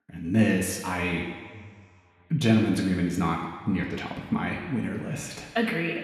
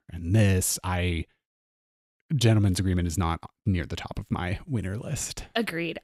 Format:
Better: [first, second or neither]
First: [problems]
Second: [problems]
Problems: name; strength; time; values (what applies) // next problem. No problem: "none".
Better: second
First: room echo; noticeable; dies away in 1.6 s // off-mic speech; somewhat distant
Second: none